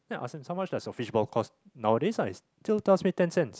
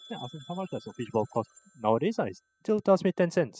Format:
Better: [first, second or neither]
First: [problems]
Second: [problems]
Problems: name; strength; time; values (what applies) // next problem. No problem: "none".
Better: first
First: none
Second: noise reduction (classical method spectral subtraction)